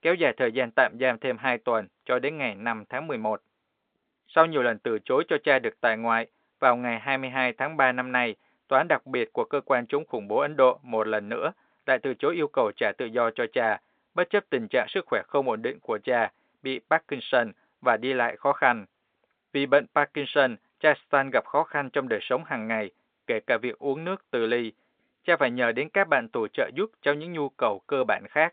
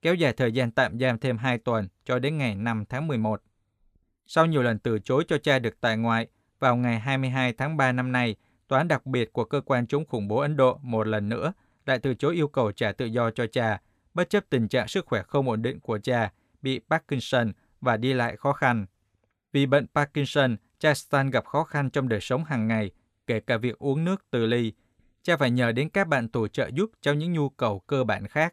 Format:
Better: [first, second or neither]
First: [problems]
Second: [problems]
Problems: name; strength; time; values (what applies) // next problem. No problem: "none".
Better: second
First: phone-call audio; nothing above 4 kHz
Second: none